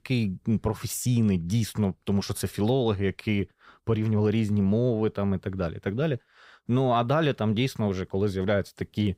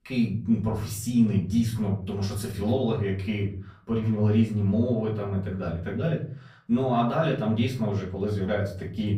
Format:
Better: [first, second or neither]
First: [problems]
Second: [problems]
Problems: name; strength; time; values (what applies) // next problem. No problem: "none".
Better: first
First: none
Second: off-mic speech; far // room echo; slight; dies away in 0.5 s